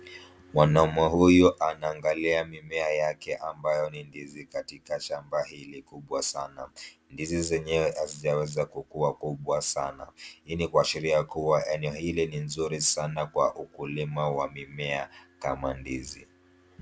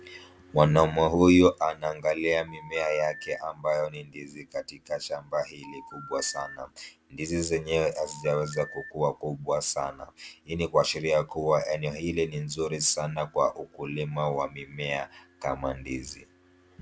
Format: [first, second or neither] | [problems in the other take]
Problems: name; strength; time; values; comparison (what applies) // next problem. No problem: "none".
first | background sound (Telephone); 16 dB below the speech